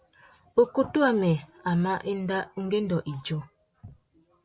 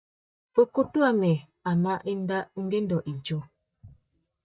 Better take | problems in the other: first | noise reduction (neural mask model DeepFilterNet 3)

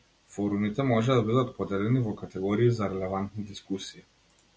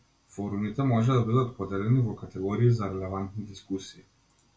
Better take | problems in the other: first | room echo; dies away in 0.2 s

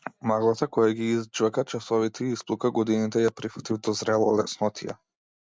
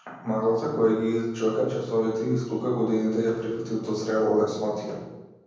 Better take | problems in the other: first | room echo; dies away in 1.1 s

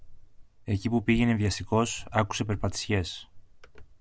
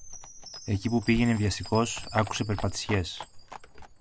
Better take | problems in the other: first | background sound (Livestock, farm animals, working animals + Chime); 16 dB below the speech

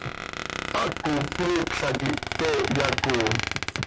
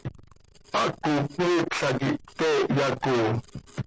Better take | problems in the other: second | background sound (Squeak); 3 dB below the speech

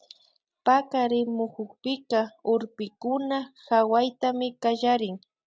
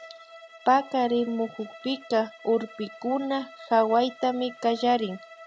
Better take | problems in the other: first | background sound (Bowed string instrument); 20 dB below the speech

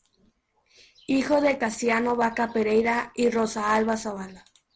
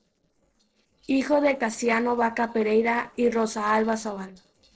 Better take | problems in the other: first | noise reduction (neural separator model SepFormer DNS4)

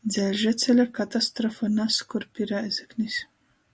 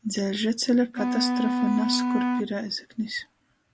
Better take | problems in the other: first | background sound (Wind instrument, woodwind instrument); as loud as the speech

